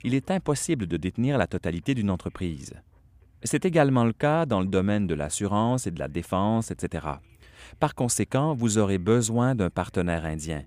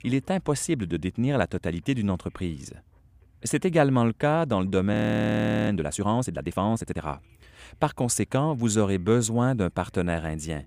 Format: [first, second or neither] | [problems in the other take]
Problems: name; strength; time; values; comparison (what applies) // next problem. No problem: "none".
first | audio freezing; at 5 s for 0.5 s